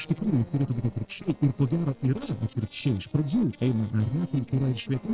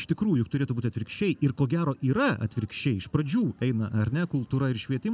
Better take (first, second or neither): second